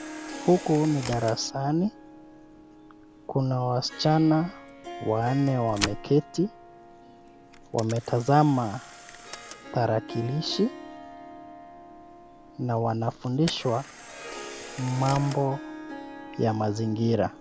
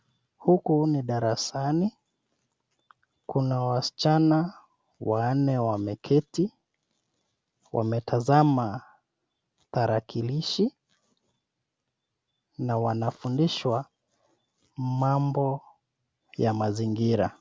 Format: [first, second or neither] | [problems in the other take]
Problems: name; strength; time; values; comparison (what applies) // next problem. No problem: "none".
second | background sound (Harp + Camera); 13 dB below the speech